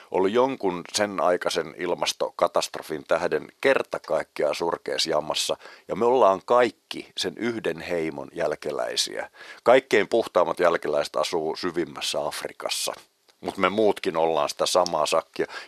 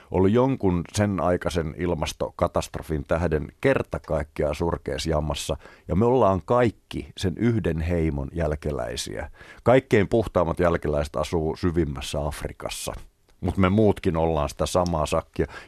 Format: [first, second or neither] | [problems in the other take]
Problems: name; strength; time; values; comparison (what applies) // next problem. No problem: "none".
second | thin; somewhat; fading below 400 Hz